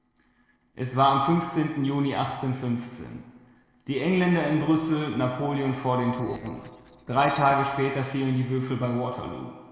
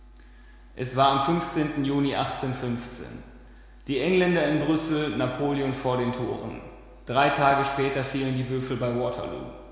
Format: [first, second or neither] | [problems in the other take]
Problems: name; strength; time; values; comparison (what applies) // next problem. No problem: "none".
second | noise reduction (neural separator model SepFormer DNS4)